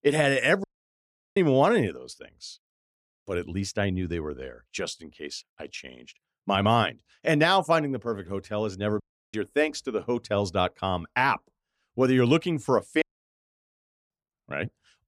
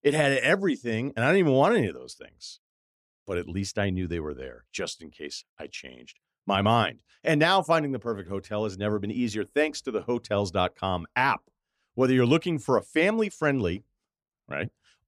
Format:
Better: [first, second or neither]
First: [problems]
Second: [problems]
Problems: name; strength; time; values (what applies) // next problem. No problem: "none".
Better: second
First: audio cutting out; at 0.5 s for 0.5 s, at 9 s and at 13 s for 1 s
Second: none